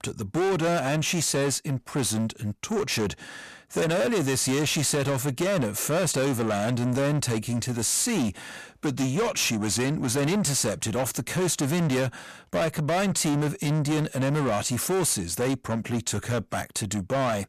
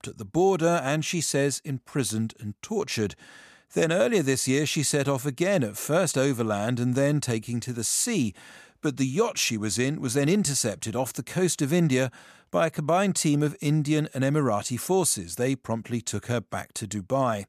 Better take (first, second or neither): second